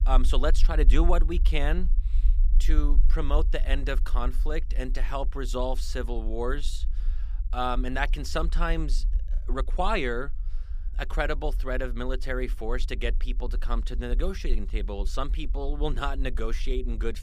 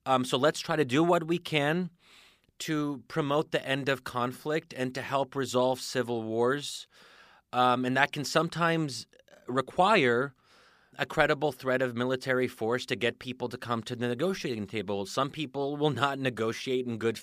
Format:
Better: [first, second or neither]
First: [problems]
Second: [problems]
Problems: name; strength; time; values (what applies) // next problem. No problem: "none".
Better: second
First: low rumble; faint; throughout; 20 dB below the speech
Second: none